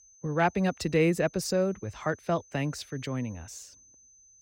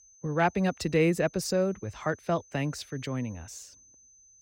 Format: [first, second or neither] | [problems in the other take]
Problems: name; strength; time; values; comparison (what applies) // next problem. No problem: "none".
neither | high-pitched whine; faint; throughout; 6 kHz, 25 dB below the speech; the same in both